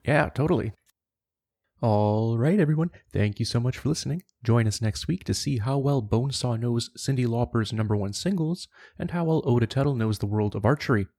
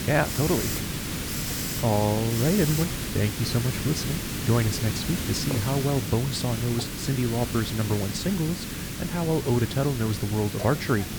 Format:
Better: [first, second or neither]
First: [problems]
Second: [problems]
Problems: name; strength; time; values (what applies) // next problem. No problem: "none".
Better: first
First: none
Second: hiss; loud; throughout; 4 dB below the speech